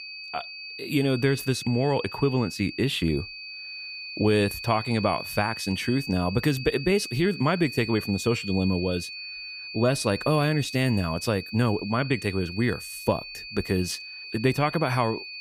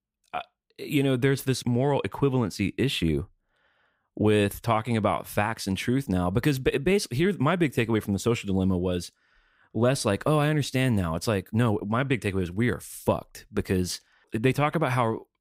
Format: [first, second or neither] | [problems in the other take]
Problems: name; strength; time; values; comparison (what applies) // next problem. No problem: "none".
second | high-pitched whine; loud; throughout; 2.5 kHz, 10 dB below the speech